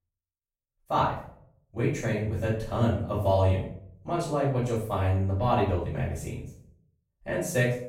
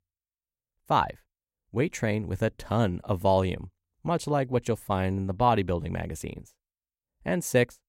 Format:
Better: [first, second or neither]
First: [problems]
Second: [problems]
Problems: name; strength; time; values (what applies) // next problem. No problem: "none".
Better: second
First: room echo; noticeable; dies away in 0.5 s // off-mic speech; far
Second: none